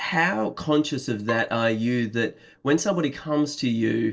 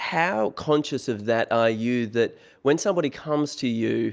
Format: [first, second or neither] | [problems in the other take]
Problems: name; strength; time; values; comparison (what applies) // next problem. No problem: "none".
second | noise reduction (neural separator model SepFormer DNS4)